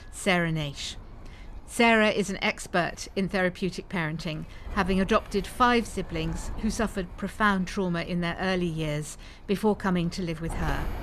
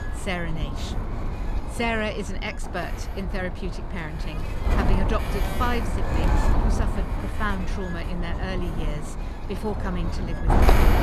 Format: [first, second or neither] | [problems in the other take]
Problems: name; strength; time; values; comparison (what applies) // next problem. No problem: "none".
first | wind noise on the microphone; heavy; 1 dB below the speech; occasional gusts in the first